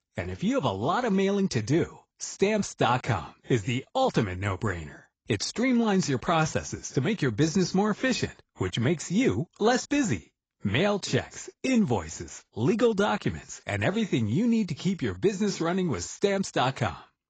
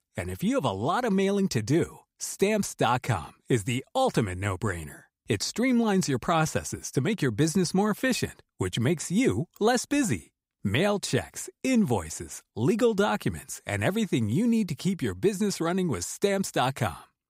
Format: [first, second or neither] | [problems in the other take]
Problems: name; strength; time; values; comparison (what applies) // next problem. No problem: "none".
second | garbled, watery; badly; nothing above 7.5 kHz